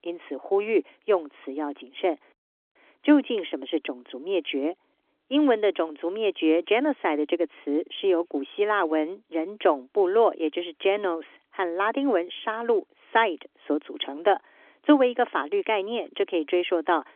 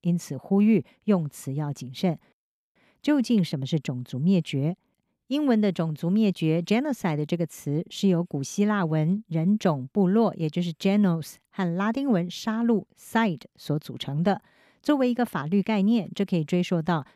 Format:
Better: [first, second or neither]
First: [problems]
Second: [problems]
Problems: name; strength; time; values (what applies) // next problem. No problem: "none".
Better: second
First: phone-call audio; nothing above 3.5 kHz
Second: none